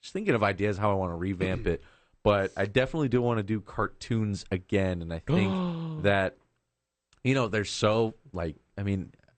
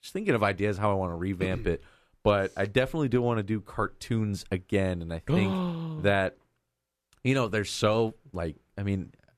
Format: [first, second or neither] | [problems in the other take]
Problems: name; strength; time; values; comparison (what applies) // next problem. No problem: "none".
second | garbled, watery; slightly; nothing above 8.5 kHz